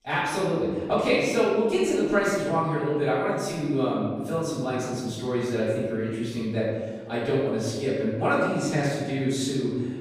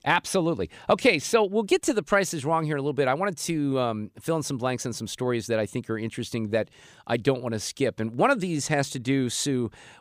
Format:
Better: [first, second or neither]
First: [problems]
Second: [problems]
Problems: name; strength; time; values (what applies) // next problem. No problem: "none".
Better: second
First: off-mic speech; far // room echo; strong; dies away in 1.5 s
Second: none